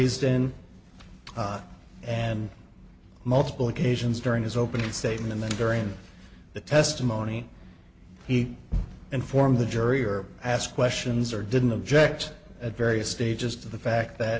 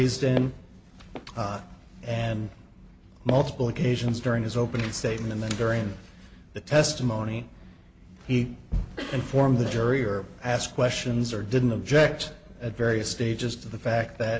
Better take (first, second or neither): first